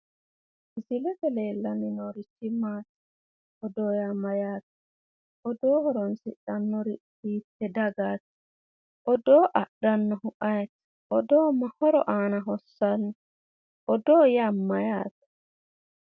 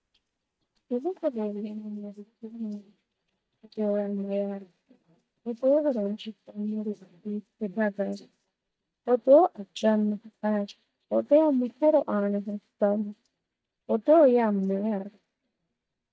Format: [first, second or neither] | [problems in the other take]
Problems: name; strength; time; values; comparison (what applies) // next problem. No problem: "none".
first | noise reduction (neural mask model DeepFilterNet 3)